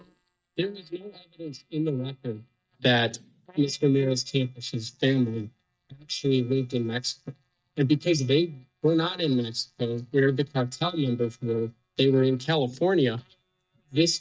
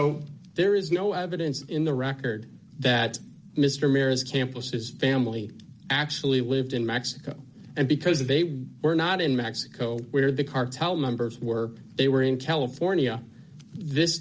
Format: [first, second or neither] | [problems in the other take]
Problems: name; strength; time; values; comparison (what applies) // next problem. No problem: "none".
second | noise reduction (neural mask model DeepFilterNet 3)